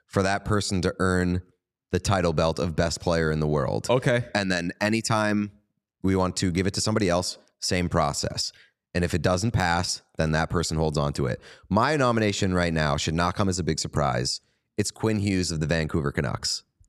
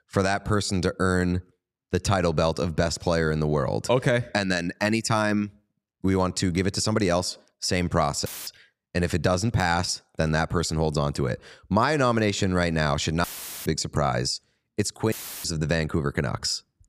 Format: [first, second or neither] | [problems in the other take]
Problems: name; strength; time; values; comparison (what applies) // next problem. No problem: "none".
first | audio cutting out; filled with static; at 8.5 s, at 13 s and at 15 s